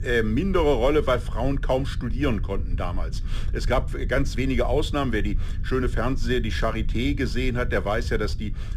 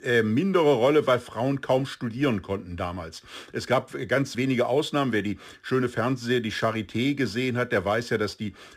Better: second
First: low rumble; faint; throughout; 20 dB below the speech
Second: none

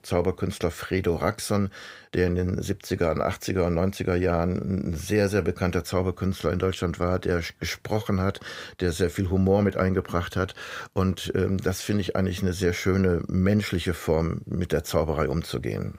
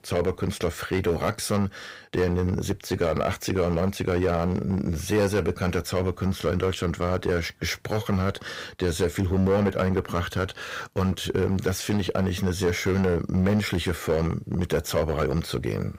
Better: first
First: none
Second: distortion; slight; 5% of the sound clipped

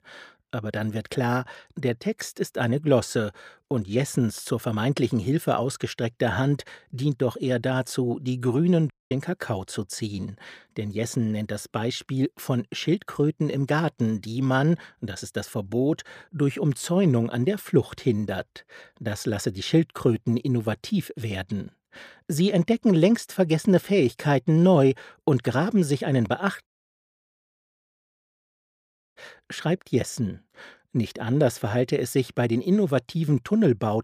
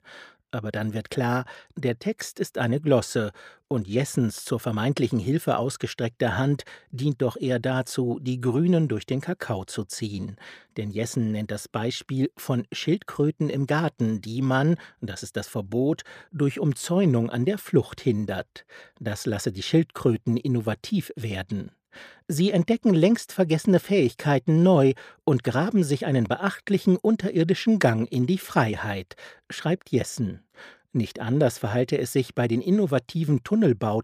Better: second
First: audio cutting out; at 9 s and at 27 s for 2.5 s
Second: none

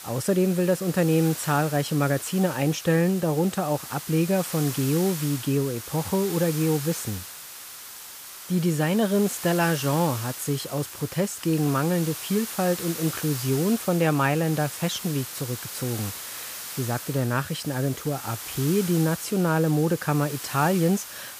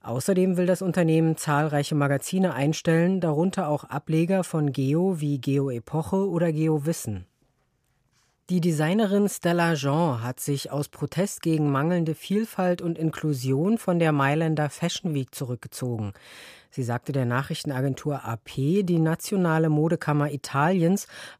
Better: second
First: hiss; loud; throughout; 10 dB below the speech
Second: none

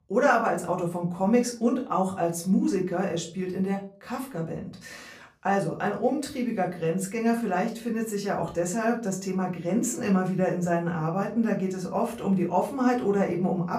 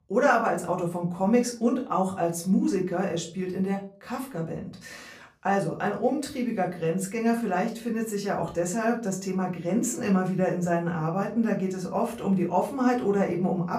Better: neither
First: off-mic speech; far // room echo; very slight; dies away in 0.3 s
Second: off-mic speech; far // room echo; very slight; dies away in 0.3 s

